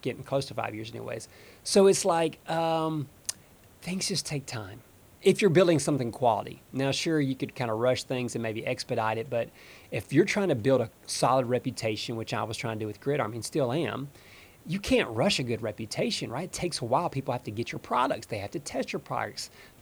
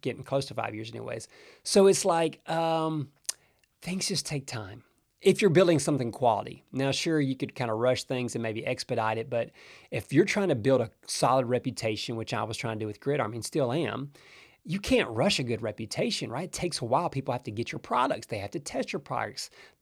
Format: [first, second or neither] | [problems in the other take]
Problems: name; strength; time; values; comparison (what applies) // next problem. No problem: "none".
second | hiss; faint; throughout; 25 dB below the speech